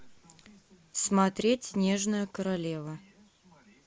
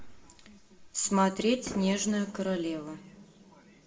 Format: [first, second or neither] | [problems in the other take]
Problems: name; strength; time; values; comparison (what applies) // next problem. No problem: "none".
first | background sound (Fireworks); 19 dB below the speech // room echo; dies away in 1.4 s